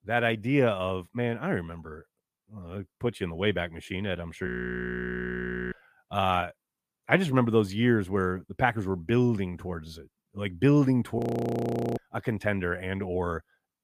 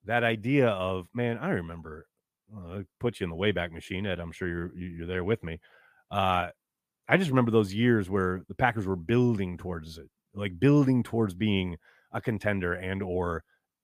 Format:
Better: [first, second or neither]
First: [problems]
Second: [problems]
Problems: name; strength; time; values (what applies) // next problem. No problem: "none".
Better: second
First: audio freezing; at 4.5 s for 1.5 s and at 11 s for 1 s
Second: none